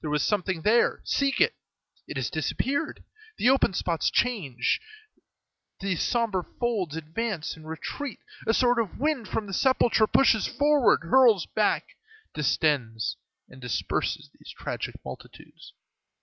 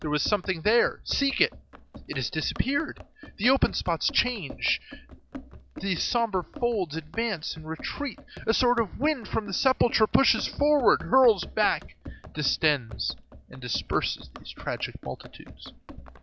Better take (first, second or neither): first